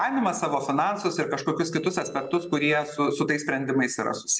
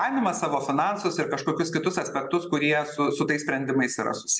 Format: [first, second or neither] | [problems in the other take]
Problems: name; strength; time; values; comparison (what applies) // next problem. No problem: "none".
second | noise reduction (neural separator model SepFormer DNS4)